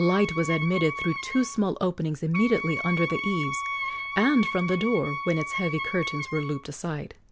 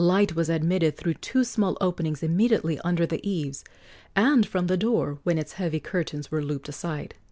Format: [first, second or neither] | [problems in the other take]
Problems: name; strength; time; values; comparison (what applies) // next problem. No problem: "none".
second | background sound (Wind instrument, woodwind instrument); 7 dB below the speech